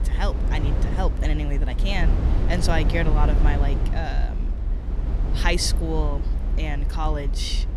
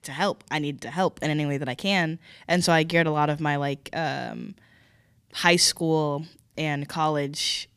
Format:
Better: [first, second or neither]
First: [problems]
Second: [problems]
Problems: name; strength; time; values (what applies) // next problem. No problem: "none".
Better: second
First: low rumble; loud; throughout; 8 dB below the speech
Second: none